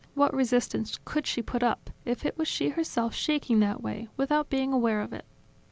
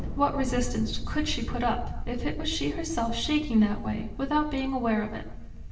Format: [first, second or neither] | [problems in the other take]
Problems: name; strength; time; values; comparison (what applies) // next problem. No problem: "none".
first | background sound (Thunder); 5 dB below the speech // room echo; dies away in 0.8 s